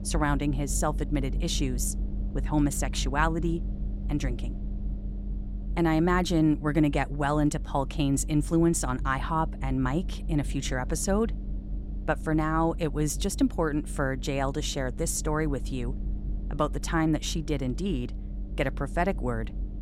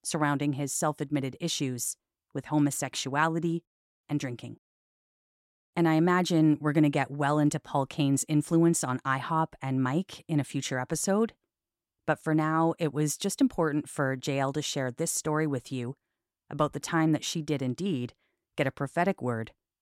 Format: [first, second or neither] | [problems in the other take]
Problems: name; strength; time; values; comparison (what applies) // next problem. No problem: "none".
second | low rumble; noticeable; throughout; 20 dB below the speech